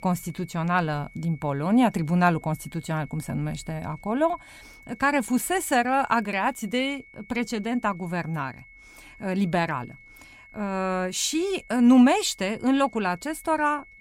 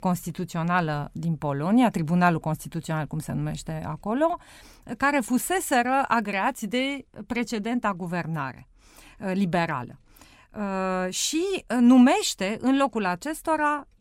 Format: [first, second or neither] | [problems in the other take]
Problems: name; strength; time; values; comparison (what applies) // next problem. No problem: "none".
second | high-pitched whine; faint; throughout; 2 kHz, 25 dB below the speech